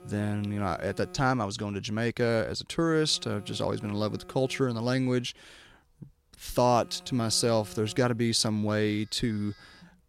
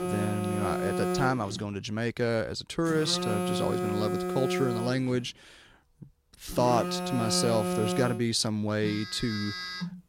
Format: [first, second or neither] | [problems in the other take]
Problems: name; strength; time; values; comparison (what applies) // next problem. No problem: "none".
first | alarms or sirens; loud; throughout; 3 dB below the speech; faint in the first